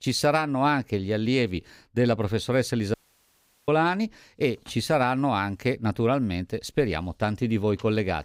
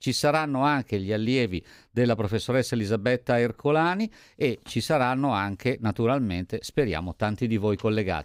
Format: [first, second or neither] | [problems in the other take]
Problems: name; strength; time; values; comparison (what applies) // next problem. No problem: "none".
second | audio cutting out; at 3 s for 0.5 s